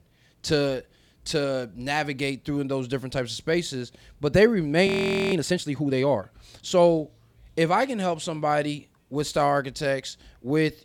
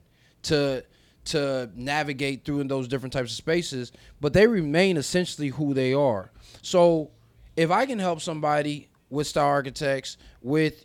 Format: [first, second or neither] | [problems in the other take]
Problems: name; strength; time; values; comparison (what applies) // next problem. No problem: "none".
second | audio freezing; at 5 s